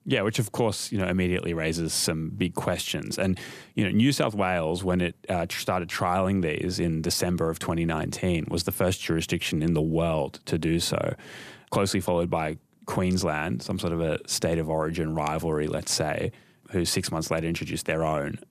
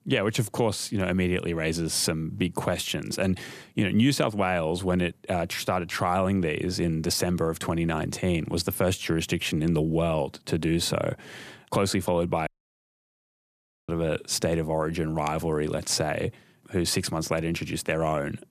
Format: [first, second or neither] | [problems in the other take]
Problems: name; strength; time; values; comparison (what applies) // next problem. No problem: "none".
first | audio cutting out; at 12 s for 1.5 s